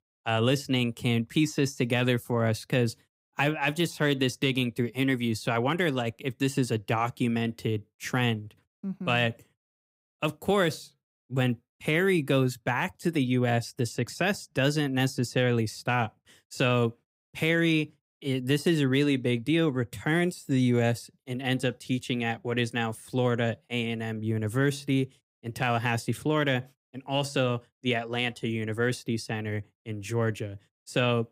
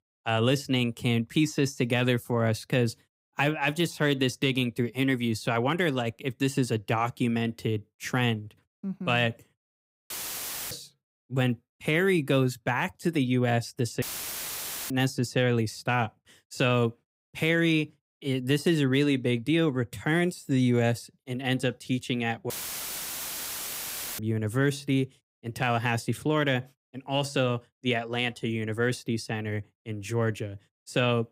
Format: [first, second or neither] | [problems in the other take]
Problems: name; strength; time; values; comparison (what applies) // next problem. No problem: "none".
first | audio cutting out; filled with static; at 10 s for 0.5 s, at 14 s for 1 s and at 23 s for 1.5 s